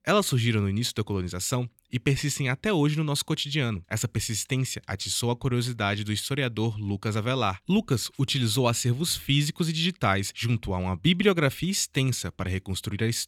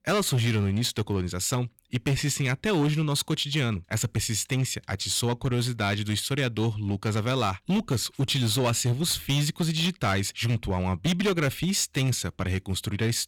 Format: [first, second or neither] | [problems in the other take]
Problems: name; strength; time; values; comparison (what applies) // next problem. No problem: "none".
first | distortion; slight; 10% of the sound clipped